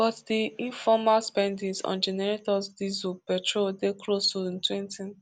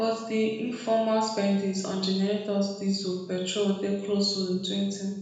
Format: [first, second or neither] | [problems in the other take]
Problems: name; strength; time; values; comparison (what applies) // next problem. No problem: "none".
first | room echo; dies away in 1 s